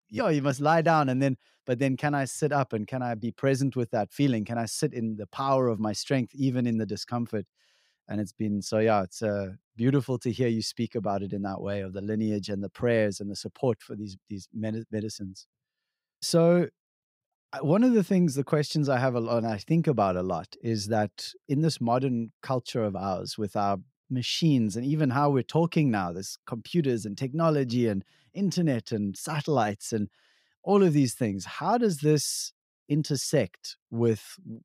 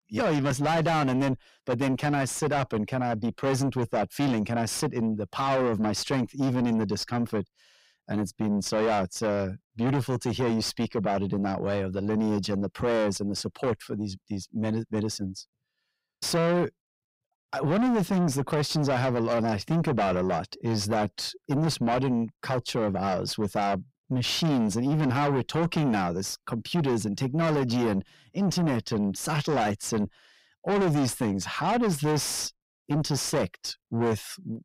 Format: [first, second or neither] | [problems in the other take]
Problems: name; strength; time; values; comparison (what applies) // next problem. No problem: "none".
first | distortion; heavy; 6 dB below the speech